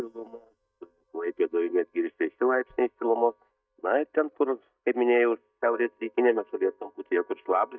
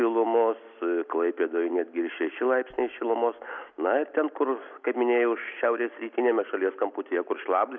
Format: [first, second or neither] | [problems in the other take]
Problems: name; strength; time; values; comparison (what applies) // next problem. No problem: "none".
second | noise reduction (neural mask model DeepFilterNet 3)